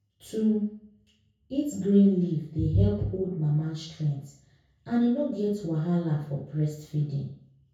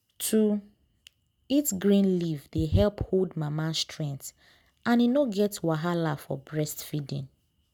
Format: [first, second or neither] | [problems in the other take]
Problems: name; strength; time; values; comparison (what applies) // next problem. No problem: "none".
second | room echo; dies away in 0.6 s